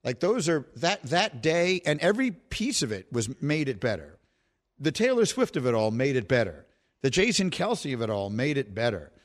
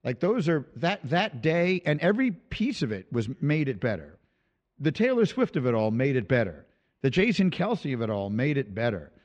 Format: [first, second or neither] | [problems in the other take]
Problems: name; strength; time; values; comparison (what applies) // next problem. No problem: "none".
first | muffled; slightly; fading above 2.5 kHz